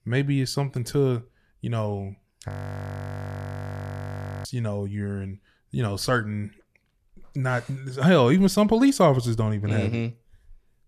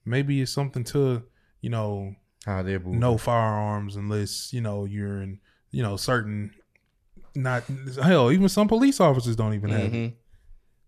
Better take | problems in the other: second | audio freezing; at 2.5 s for 2 s

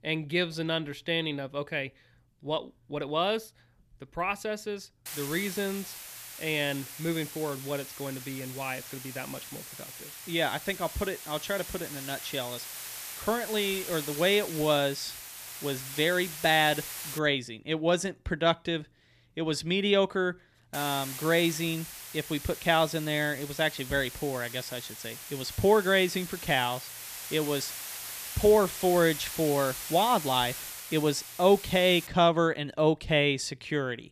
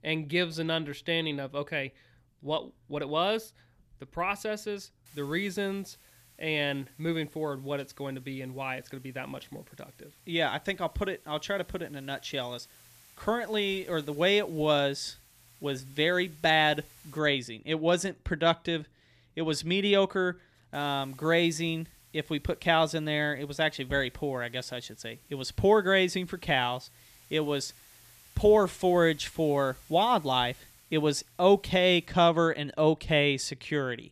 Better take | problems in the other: second | hiss; loud; from 5 to 17 s and from 21 to 32 s; 10 dB below the speech; faint in the second

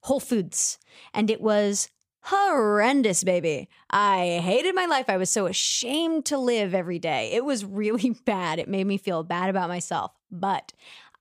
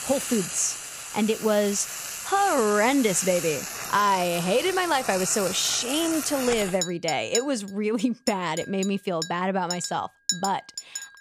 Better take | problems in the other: first | household noises; loud; throughout; 7 dB below the speech

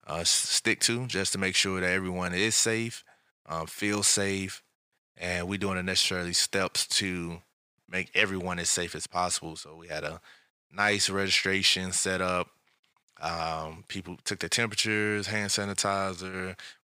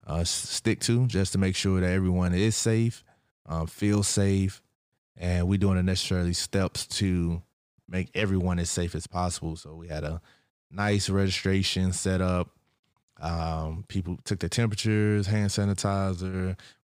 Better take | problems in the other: second | thin; somewhat; fading below 800 Hz

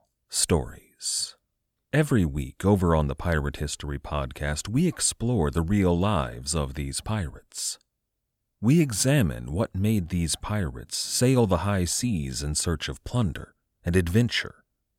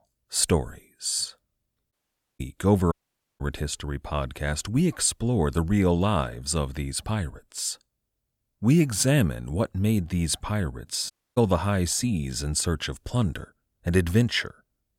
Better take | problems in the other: first | audio cutting out; at 2 s, at 3 s and at 11 s

